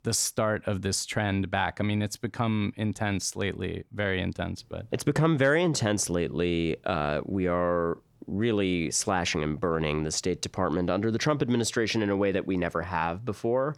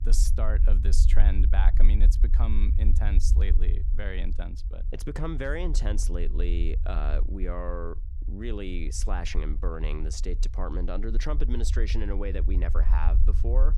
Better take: first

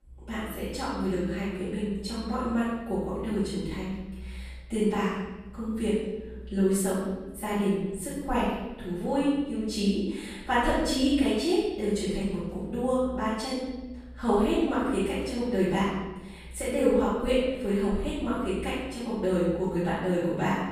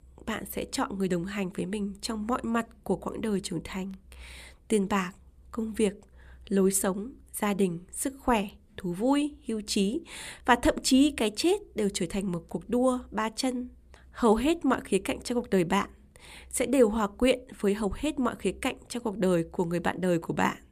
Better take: second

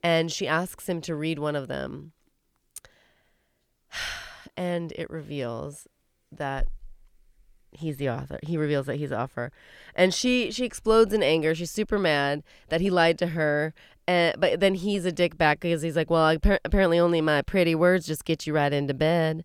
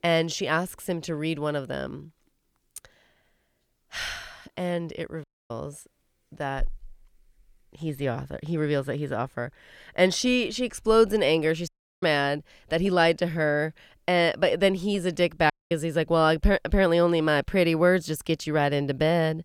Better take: first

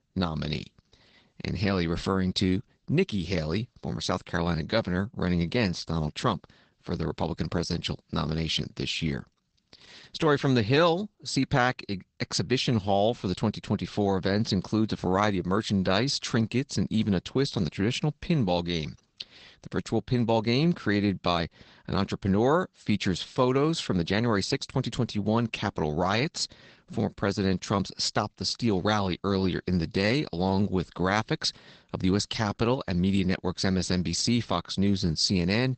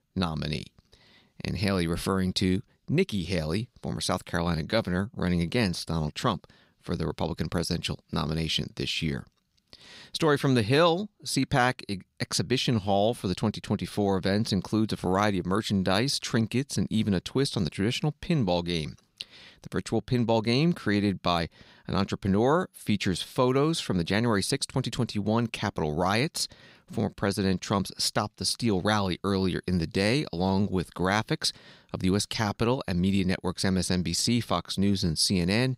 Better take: second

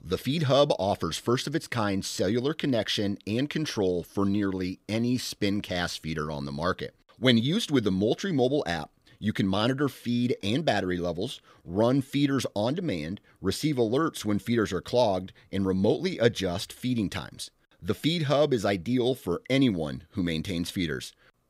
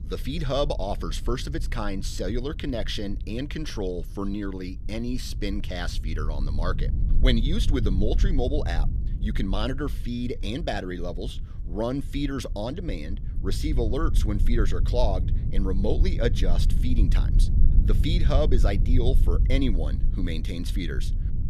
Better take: first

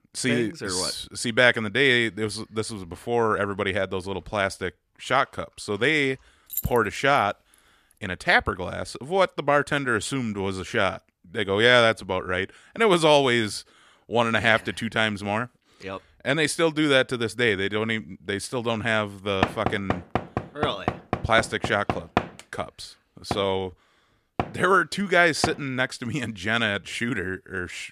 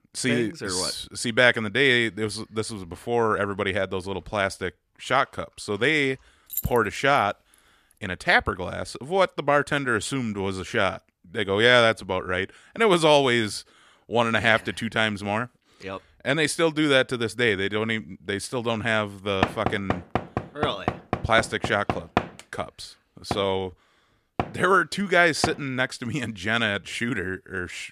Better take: neither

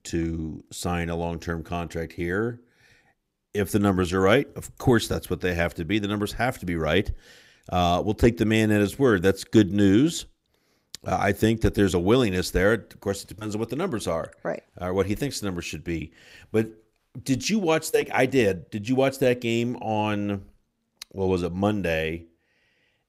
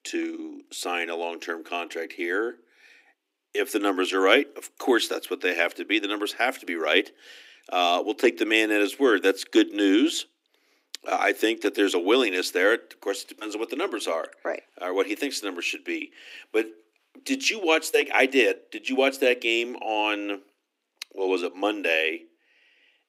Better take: first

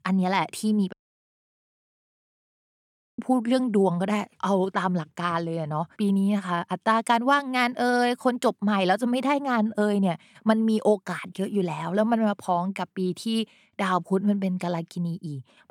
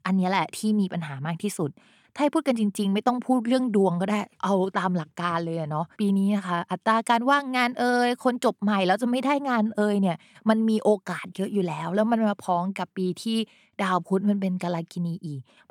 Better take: second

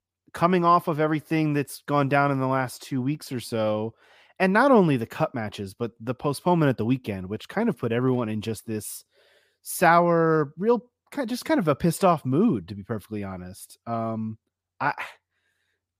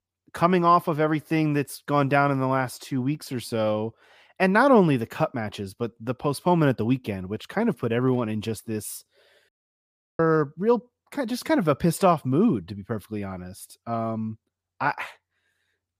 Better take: first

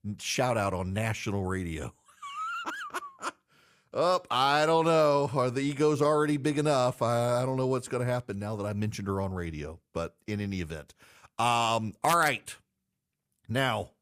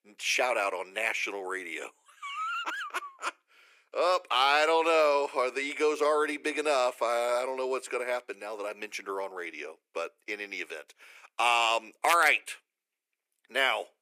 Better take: first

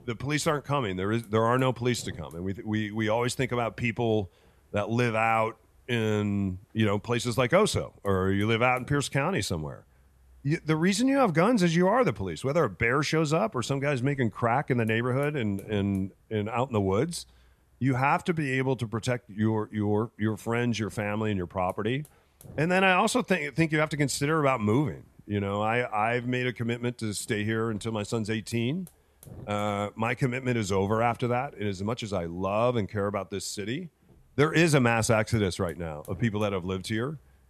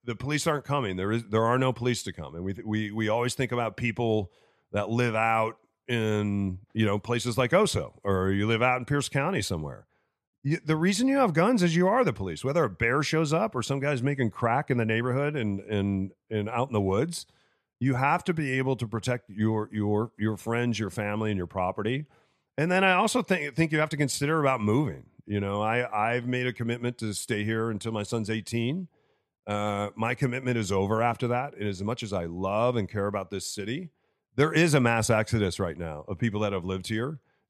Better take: second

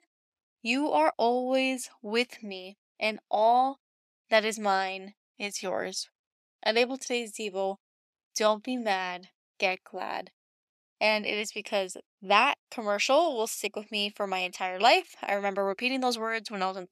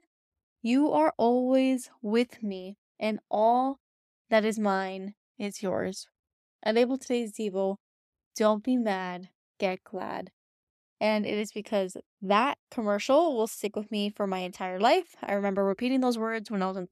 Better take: second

